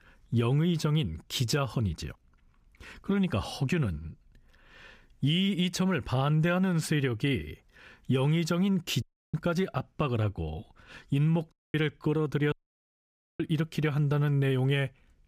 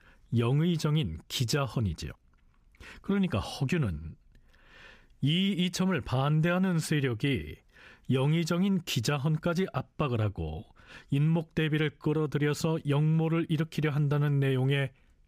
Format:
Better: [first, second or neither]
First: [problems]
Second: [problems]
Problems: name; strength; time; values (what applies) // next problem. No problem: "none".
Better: second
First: audio cutting out; at 9 s, at 12 s and at 13 s for 1 s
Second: none